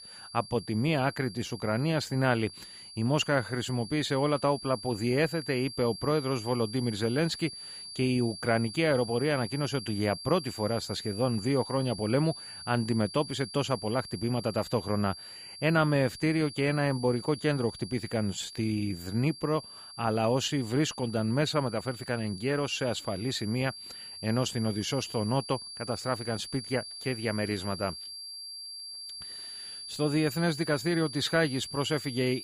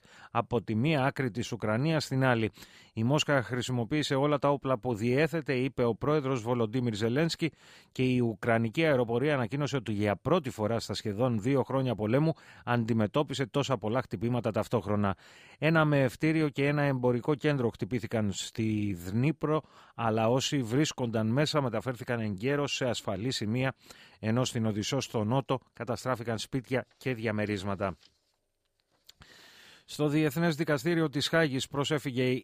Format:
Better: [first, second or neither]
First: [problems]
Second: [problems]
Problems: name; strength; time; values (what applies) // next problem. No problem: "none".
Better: second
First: high-pitched whine; noticeable; throughout; 4.5 kHz, 10 dB below the speech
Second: none